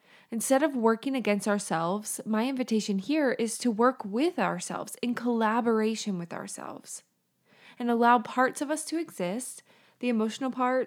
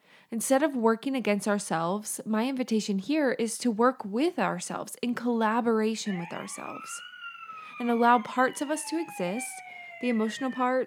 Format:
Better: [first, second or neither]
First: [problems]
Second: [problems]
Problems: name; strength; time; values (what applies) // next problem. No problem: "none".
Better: first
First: none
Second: siren; faint; from 6 s on; peak 10 dB below the speech